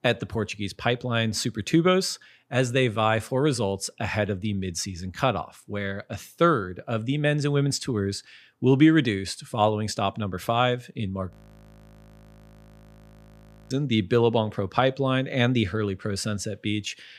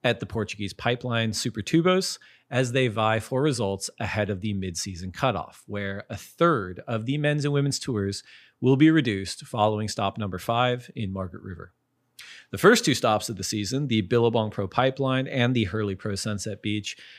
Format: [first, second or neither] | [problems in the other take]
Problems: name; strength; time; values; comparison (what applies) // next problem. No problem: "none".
second | audio freezing; at 11 s for 2.5 s